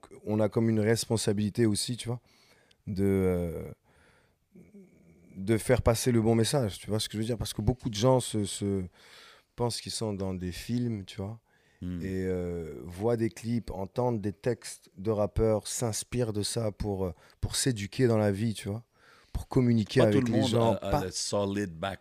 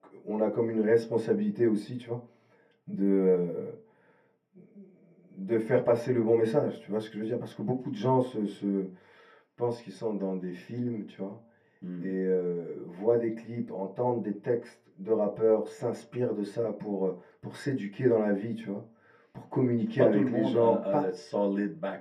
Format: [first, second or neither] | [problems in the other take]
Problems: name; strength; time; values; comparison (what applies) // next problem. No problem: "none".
first | room echo; very slight; dies away in 0.3 s // off-mic speech; far